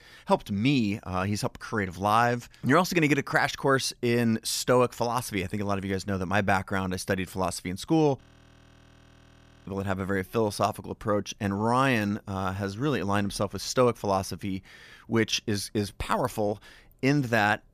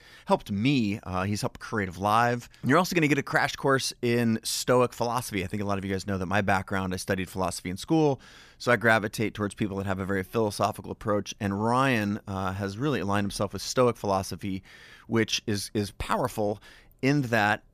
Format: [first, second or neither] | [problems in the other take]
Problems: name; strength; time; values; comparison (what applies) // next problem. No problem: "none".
second | audio freezing; at 8 s for 1.5 s